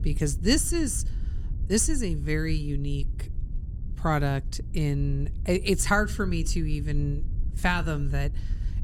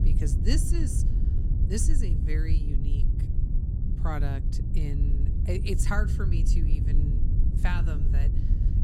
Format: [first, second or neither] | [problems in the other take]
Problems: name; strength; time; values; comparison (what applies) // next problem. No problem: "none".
first | low rumble; loud; throughout; 6 dB below the speech; faint in the first